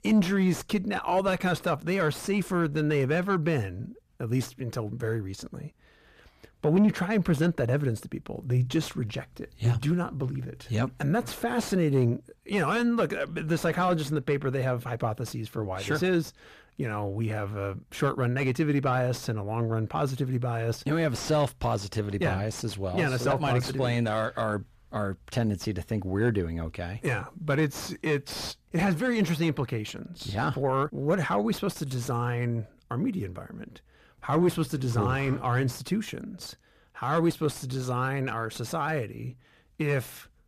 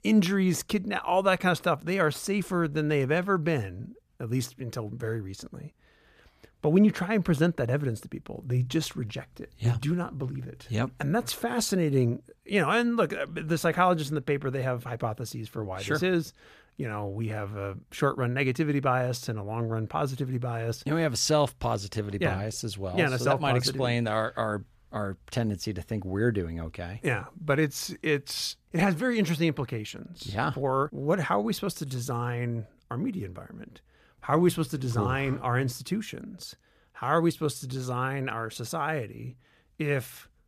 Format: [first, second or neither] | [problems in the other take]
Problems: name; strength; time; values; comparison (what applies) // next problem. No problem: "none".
second | distortion; slight; 10 dB below the speech